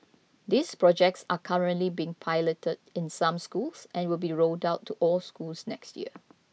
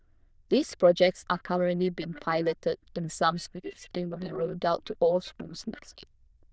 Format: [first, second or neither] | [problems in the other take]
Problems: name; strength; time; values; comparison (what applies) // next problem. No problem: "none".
first | noise reduction (neural diffusion model UNIVERSE++)